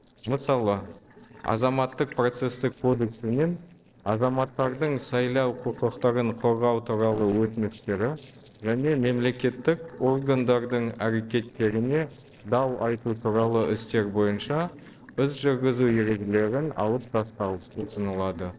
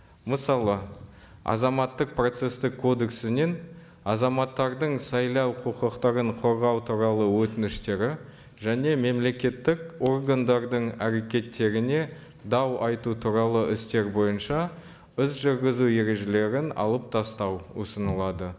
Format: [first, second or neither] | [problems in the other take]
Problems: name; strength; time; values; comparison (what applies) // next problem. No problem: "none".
second | noise reduction (neural separator model SepFormer DNS4)